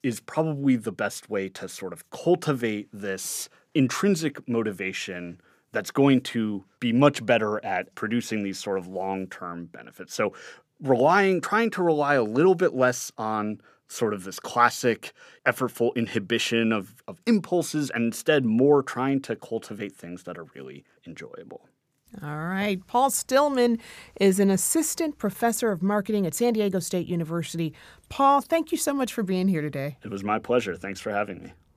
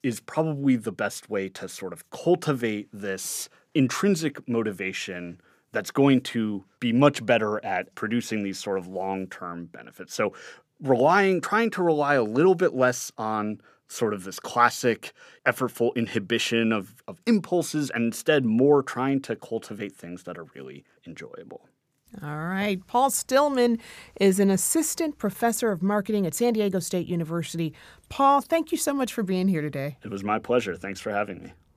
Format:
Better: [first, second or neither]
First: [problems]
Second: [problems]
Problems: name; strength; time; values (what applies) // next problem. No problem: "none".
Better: neither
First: none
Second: none